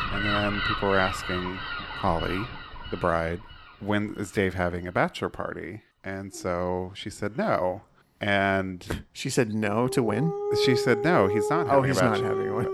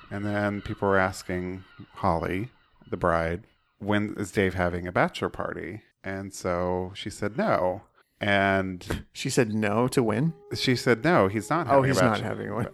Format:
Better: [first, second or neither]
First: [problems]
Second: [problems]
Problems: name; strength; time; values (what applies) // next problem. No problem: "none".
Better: second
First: animal sounds; loud; throughout; 3 dB below the speech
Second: animal sounds; faint; throughout; 25 dB below the speech